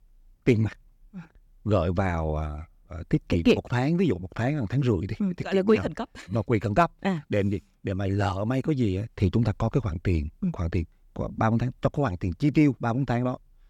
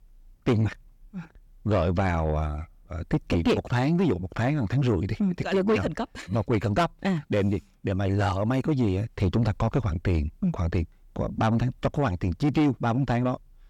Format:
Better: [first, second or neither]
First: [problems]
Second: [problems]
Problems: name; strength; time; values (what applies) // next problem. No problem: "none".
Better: first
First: none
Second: distortion; slight; 10 dB below the speech